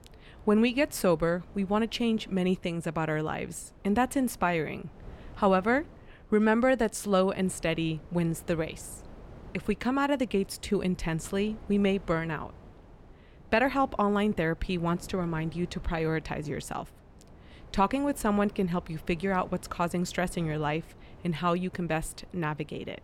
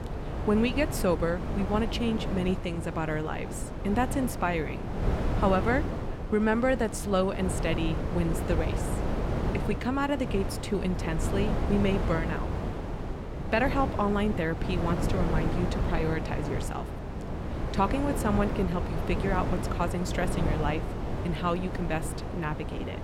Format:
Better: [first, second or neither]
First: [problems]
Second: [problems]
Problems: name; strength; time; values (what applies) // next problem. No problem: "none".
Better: first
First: wind noise on the microphone; occasional gusts; 25 dB below the speech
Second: wind noise on the microphone; heavy; 6 dB below the speech